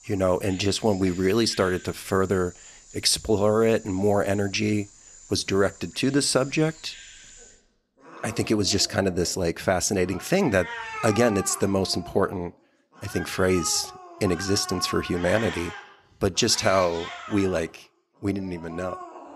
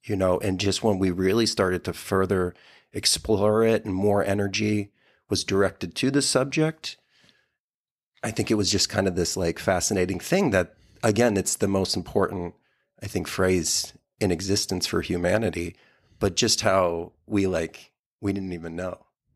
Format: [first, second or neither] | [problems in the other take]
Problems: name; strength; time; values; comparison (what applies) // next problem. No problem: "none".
second | animal sounds; noticeable; throughout; 15 dB below the speech